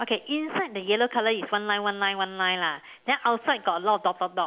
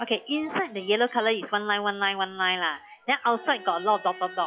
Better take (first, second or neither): first